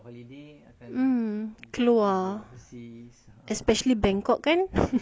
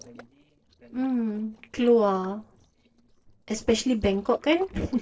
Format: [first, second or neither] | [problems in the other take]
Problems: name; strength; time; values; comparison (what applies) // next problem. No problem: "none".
first | noise reduction (neural separator model SepFormer DNS4)